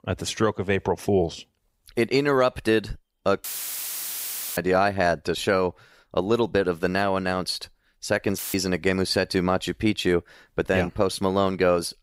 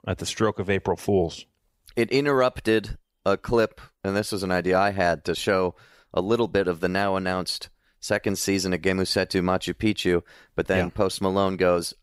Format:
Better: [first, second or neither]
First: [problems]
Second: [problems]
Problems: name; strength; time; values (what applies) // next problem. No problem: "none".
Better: second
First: audio cutting out; filled with static; at 3.5 s for 1 s and at 8.5 s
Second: none